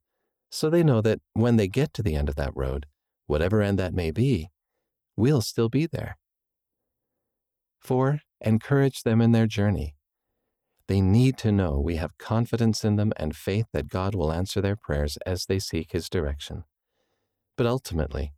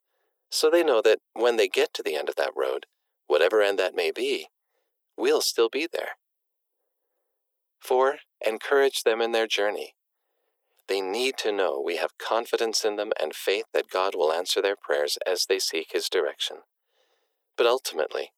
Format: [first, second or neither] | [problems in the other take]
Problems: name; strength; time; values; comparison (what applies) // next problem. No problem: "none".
first | thin; very; fading below 400 Hz